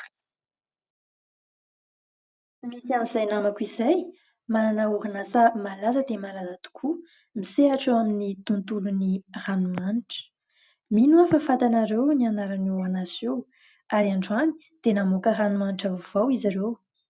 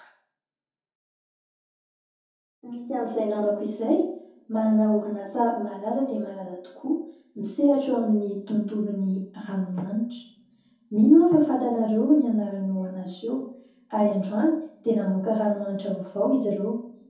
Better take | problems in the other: first | room echo; dies away in 0.6 s

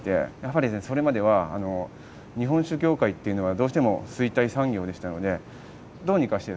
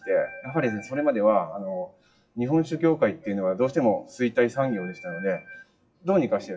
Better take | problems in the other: first | noise reduction (classical method WPE with log-MMSE)

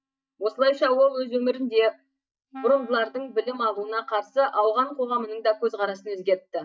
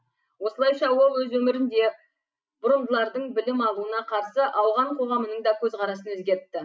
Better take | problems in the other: second | noise reduction (neural mask model DeepFilterNet 3)

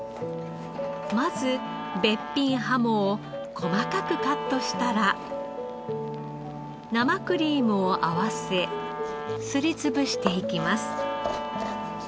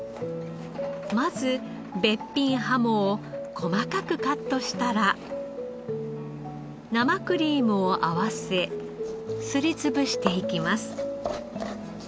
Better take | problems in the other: second | background sound (Guitar); 10 dB below the speech

